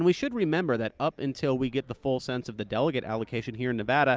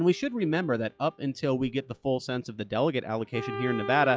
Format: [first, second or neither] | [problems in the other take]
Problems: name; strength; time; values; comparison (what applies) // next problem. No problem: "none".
first | noise reduction (classical method log-MMSE)